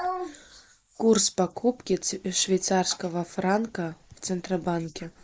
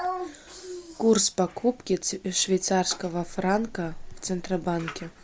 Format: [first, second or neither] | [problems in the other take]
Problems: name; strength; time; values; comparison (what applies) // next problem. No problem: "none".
second | noise reduction (neural mask model Resemble Enhance denoiser)